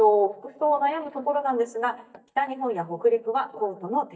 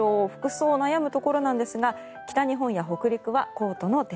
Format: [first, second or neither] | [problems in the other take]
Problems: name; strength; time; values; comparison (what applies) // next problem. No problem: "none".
second | noise reduction (neural mask model DeepFilterNet 3)